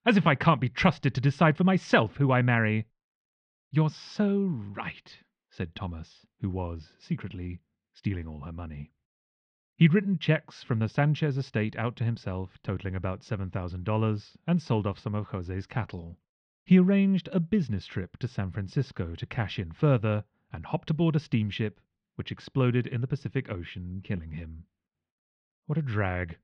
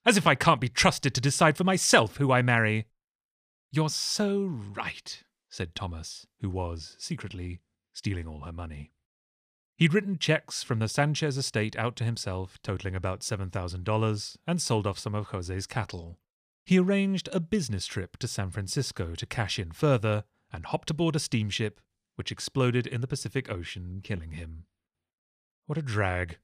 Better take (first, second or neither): second